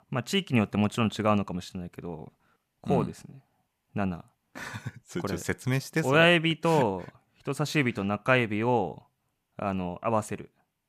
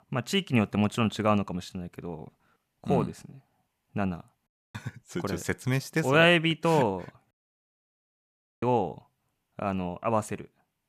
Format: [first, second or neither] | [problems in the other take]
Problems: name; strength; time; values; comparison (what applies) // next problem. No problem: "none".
first | audio cutting out; at 4.5 s and at 7.5 s for 1.5 s